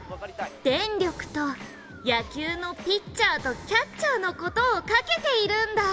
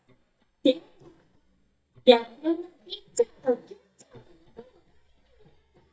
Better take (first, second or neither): first